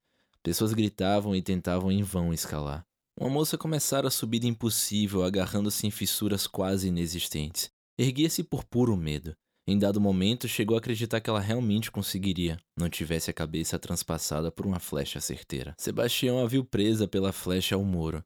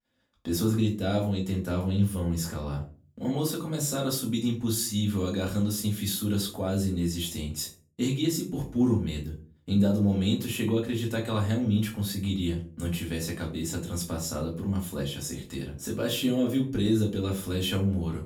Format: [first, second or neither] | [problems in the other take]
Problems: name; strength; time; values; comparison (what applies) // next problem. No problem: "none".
first | off-mic speech; far // room echo; slight; dies away in 0.3 s